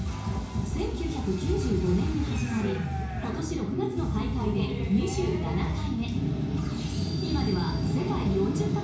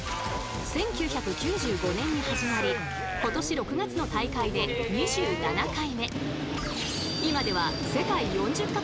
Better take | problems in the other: second | room echo; dies away in 0.6 s

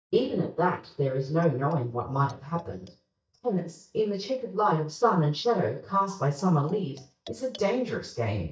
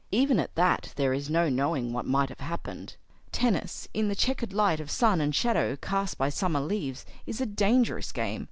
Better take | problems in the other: second | noise reduction (neural mask model DeepFilterNet 3)

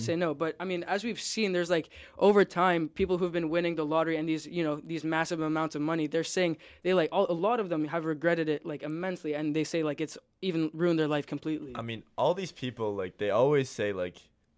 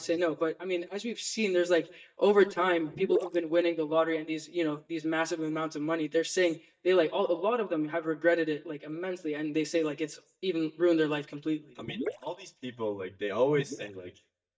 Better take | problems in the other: first | noise reduction (neural mask model DeepFilterNet 3)

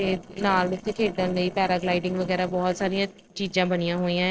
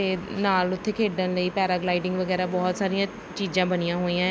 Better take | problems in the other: second | noise reduction (neural separator model SepFormer DNS4)

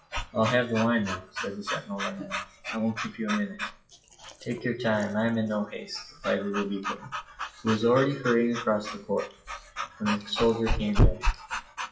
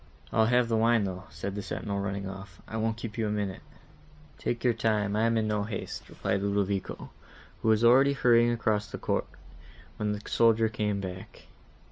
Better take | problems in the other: second | noise reduction (classical method WPE with log-MMSE)

